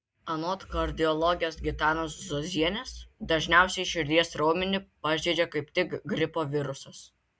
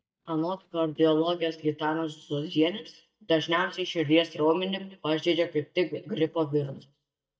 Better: first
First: none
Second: noise reduction (neural mask model DeepFilterNet 3)

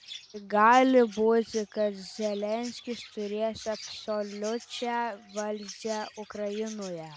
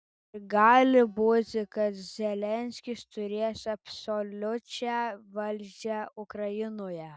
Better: second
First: background sound (Chirp, tweet); 19 dB below the speech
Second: none

